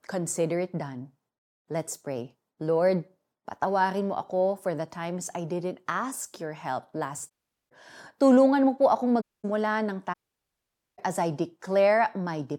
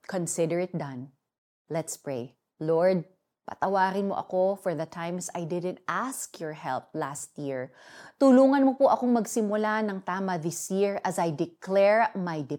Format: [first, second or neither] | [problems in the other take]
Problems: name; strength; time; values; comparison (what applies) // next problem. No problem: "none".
second | audio cutting out; at 7.5 s, at 9 s and at 10 s for 1 s